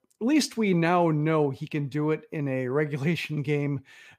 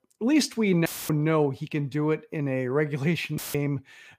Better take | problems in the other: first | audio cutting out; filled with static; at 1 s and at 3.5 s

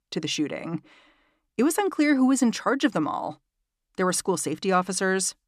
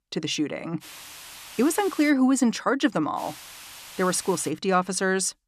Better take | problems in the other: first | hiss; noticeable; from 1 to 2 s and from 3 to 4.5 s; 15 dB below the speech

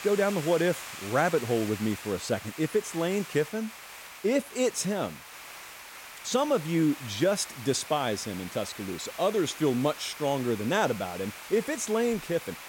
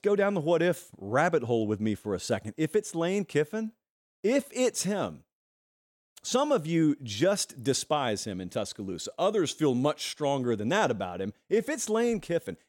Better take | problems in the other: second | hiss; noticeable; throughout; 10 dB below the speech

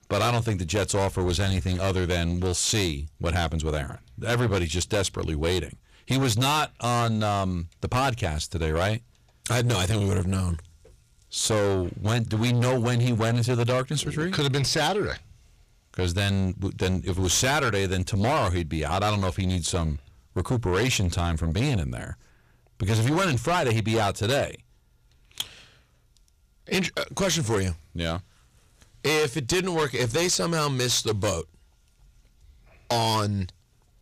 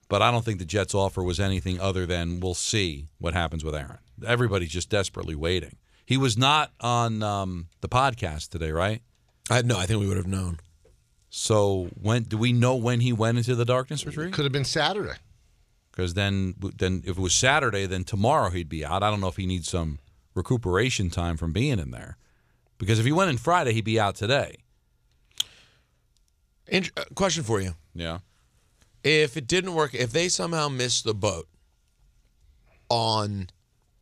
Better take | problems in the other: second | distortion; heavy; 7 dB below the speech

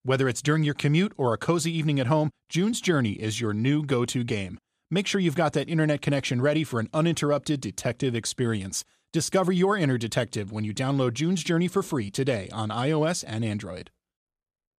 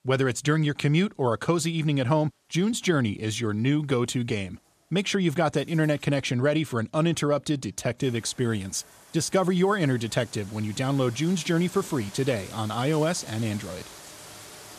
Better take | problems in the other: first | household noises; noticeable; throughout; 20 dB below the speech

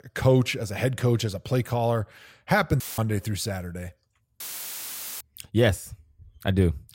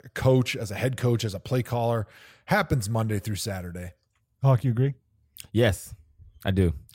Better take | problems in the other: second | audio cutting out; filled with static; at 3 s and at 4.5 s for 1 s

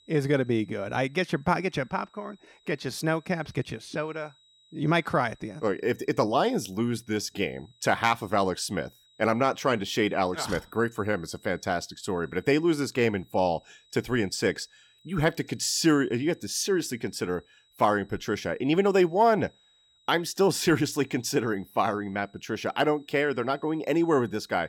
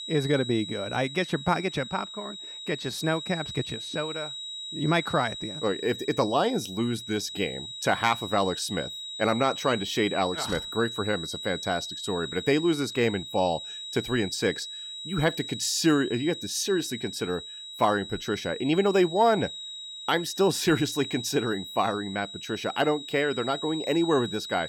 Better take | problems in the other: first | high-pitched whine; loud; throughout; 4 kHz, 8 dB below the speech; faint in the first

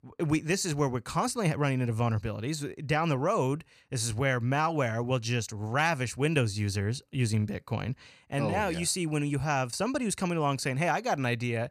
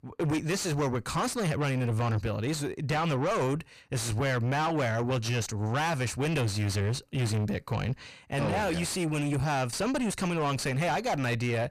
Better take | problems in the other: first | distortion; heavy; 6 dB below the speech

